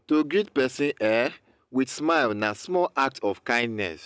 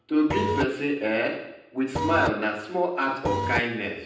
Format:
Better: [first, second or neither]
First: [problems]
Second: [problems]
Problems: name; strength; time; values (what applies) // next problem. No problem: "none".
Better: first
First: none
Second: background sound (Printer); as loud as the speech // room echo; dies away in 0.8 s